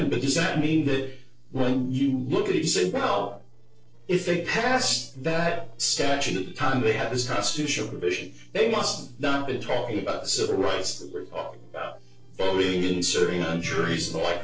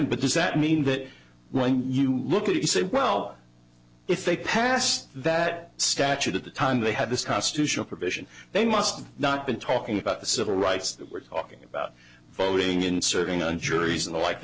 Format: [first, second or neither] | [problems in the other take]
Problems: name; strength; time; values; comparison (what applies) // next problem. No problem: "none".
second | noise reduction (neural separator model SepFormer DNS4)